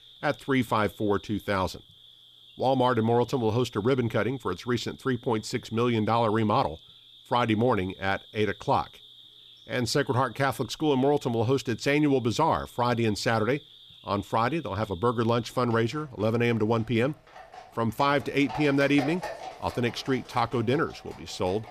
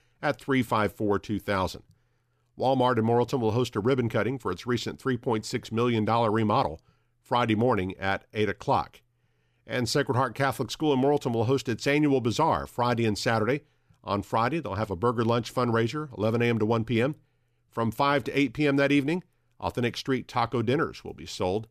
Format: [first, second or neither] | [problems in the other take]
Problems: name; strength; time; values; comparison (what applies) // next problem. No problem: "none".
second | animal sounds; noticeable; throughout; 20 dB below the speech